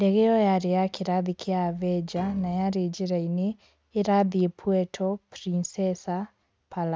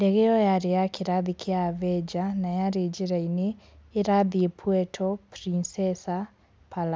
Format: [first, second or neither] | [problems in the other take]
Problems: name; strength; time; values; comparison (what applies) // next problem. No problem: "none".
second | noise reduction (neural mask model RNNoise)